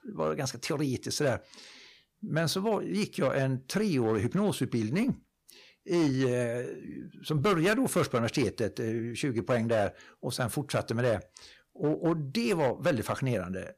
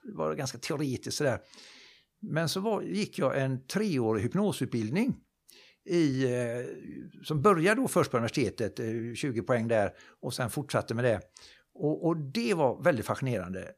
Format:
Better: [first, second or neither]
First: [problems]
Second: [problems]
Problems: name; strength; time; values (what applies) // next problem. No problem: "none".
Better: second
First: distortion; slight; 5% of the sound clipped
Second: none